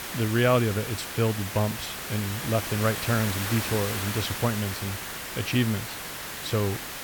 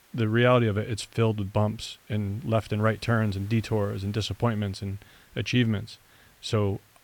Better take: second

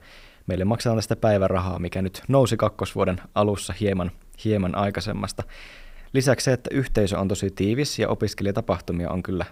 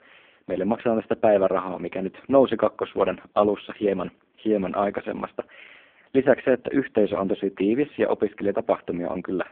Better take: first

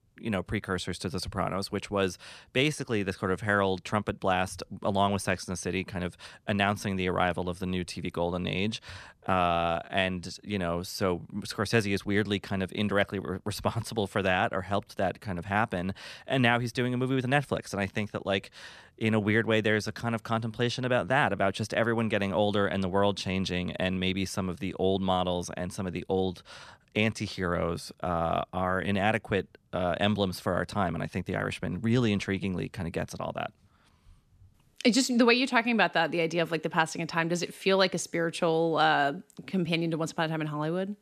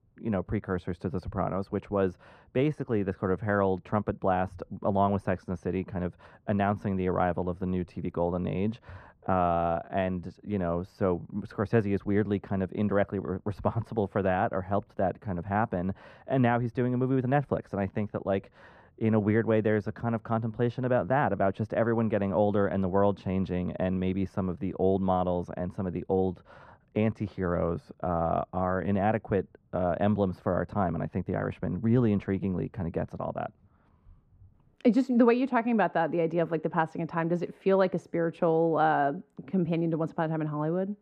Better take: first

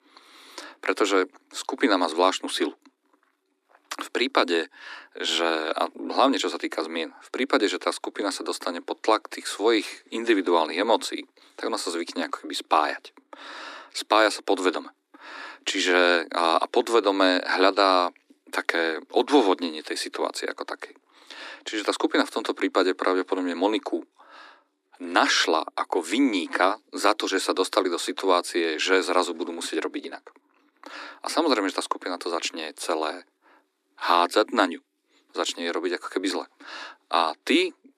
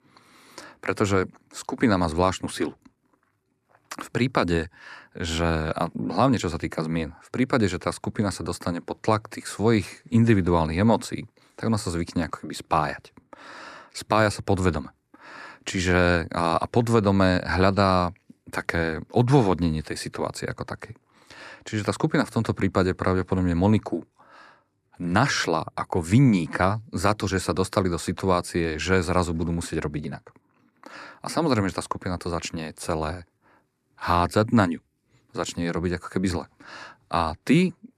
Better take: second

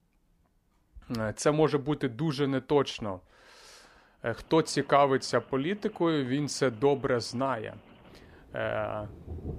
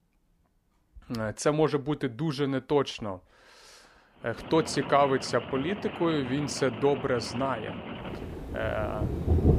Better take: first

